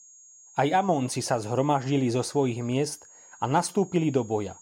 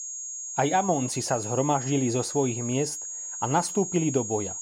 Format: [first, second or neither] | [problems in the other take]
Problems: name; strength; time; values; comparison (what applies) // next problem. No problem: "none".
first | high-pitched whine; loud; throughout; 6.5 kHz, 6 dB below the speech; faint in the first